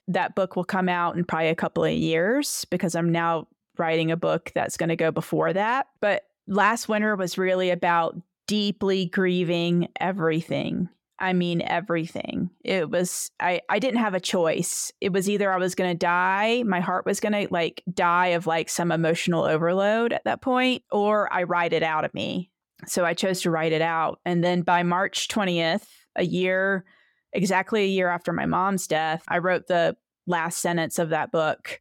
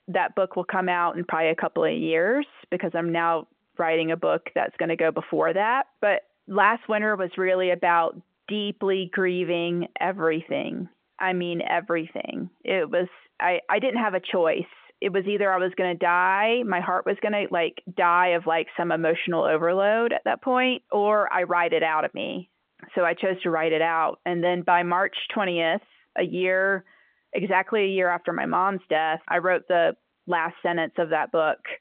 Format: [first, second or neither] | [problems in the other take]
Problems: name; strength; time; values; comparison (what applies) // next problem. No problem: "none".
first | phone-call audio; nothing above 3.5 kHz